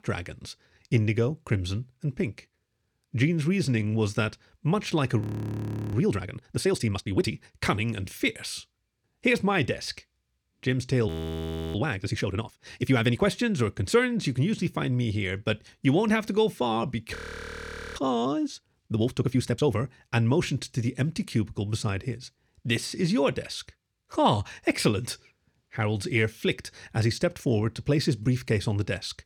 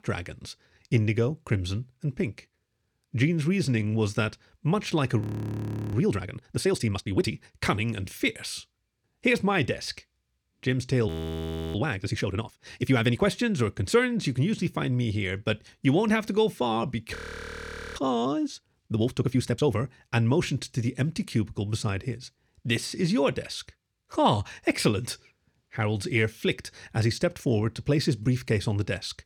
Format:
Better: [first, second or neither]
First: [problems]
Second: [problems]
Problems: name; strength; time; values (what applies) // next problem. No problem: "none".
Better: neither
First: audio freezing; at 5 s for 0.5 s, at 11 s for 0.5 s and at 17 s for 1 s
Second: audio freezing; at 5 s for 0.5 s, at 11 s for 0.5 s and at 17 s for 1 s